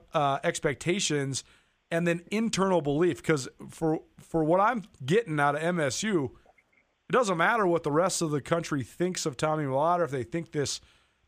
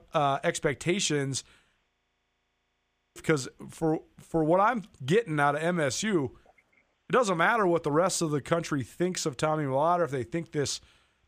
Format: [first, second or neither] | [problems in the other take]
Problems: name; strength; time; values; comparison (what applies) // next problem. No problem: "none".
first | audio freezing; at 2 s for 1.5 s